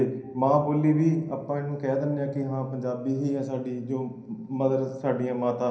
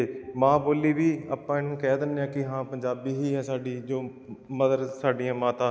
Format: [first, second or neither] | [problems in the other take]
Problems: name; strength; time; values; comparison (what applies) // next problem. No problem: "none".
second | room echo; dies away in 0.6 s